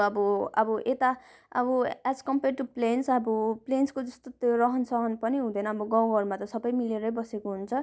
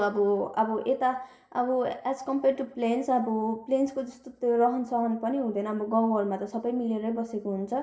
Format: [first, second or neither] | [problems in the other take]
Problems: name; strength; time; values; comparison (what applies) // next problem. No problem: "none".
first | room echo; dies away in 0.6 s